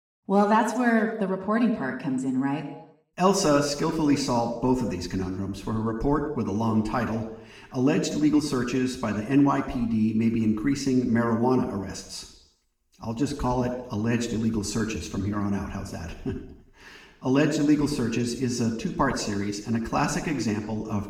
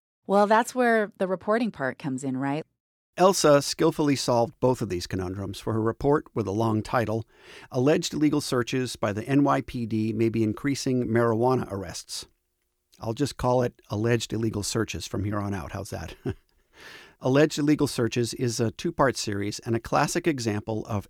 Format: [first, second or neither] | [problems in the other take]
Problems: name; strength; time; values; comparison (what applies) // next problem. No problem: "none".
second | room echo; noticeable; dies away in 0.7 s // off-mic speech; far